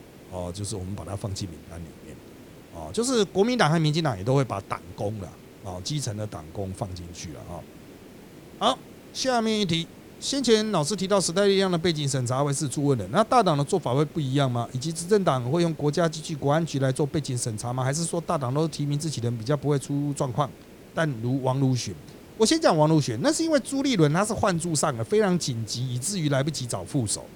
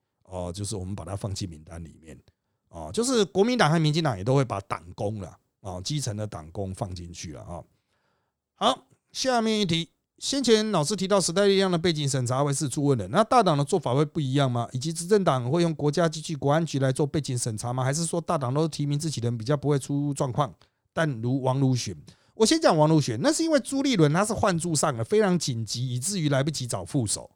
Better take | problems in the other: second | hiss; faint; throughout; 20 dB below the speech

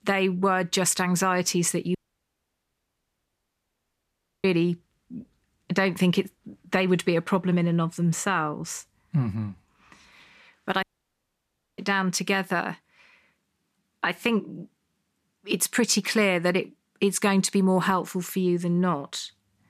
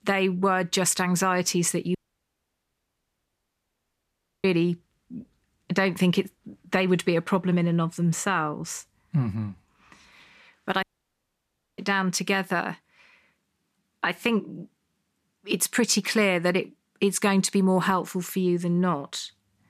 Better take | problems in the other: neither | audio cutting out; at 2 s for 2.5 s and at 11 s for 1 s; the same in both

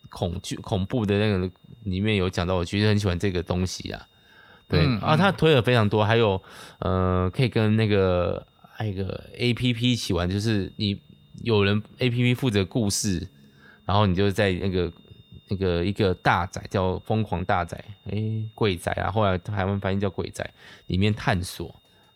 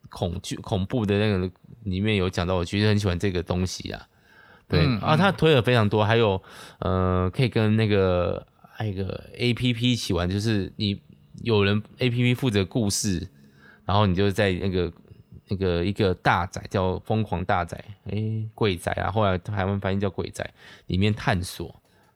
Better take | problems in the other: second | high-pitched whine; faint; throughout; 3.5 kHz, 35 dB below the speech

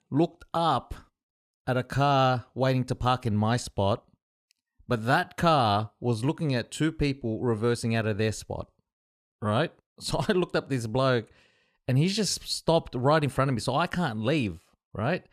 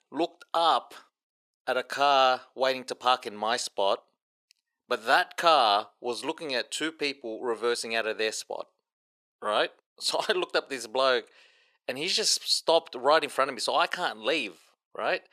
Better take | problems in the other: first | thin; very; fading below 450 Hz

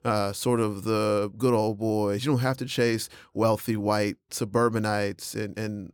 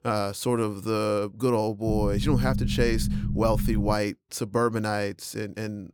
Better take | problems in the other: first | low rumble; noticeable; from 2 to 4 s; 10 dB below the speech

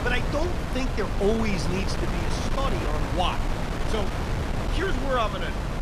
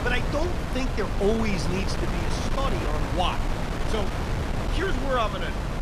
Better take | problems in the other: neither | wind noise on the microphone; heavy; 3 dB below the speech; the same in both

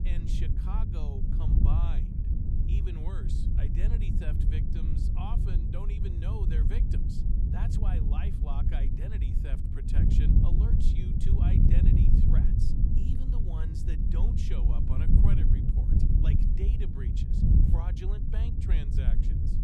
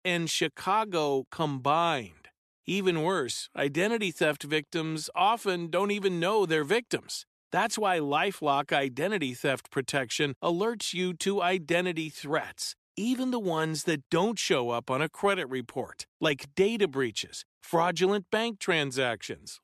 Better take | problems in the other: second | wind noise on the microphone; heavy; 4 dB above the speech

